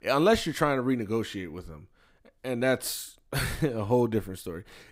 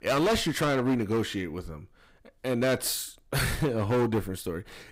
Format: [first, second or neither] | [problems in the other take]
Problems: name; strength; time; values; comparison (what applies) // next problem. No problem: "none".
first | distortion; heavy; 11% of the sound clipped